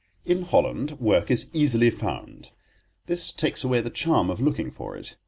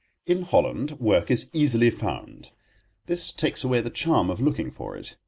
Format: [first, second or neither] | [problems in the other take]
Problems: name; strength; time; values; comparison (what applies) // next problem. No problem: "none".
first | noise reduction (neural mask model Resemble Enhance denoiser)